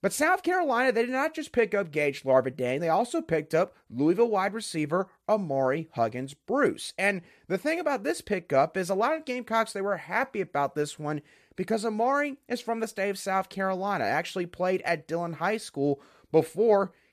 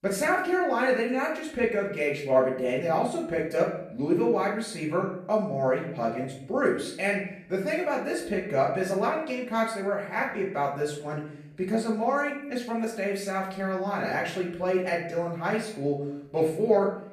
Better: first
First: none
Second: off-mic speech; far // room echo; slight; dies away in 0.6 s

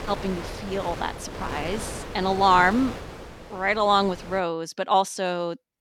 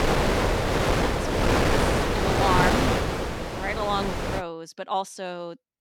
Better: first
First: wind noise on the microphone; occasional gusts; until 4.5 s; 15 dB below the speech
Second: wind noise on the microphone; heavy; until 4.5 s; 5 dB above the speech

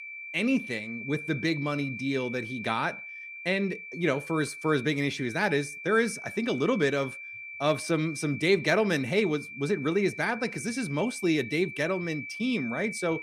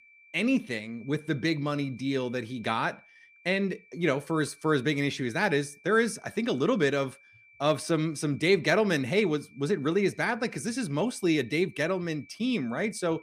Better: second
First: high-pitched whine; loud; throughout; 2.5 kHz, 10 dB below the speech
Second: high-pitched whine; faint; throughout; 2.5 kHz, 25 dB below the speech

